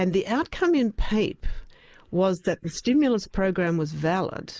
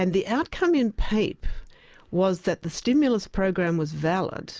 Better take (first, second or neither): second